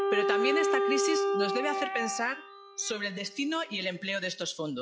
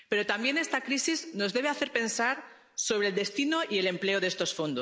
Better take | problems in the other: second | noise reduction (classical method log-MMSE)

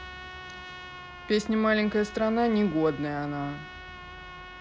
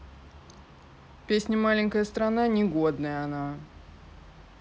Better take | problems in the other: second | background sound (Trumpet); 15 dB below the speech

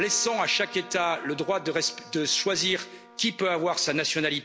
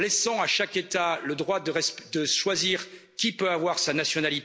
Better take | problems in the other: second | background sound (Trumpet); 19 dB below the speech

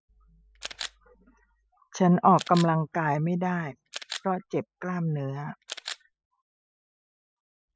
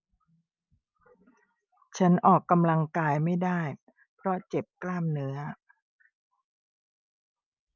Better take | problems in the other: second | noise reduction (classical method spectral subtraction)

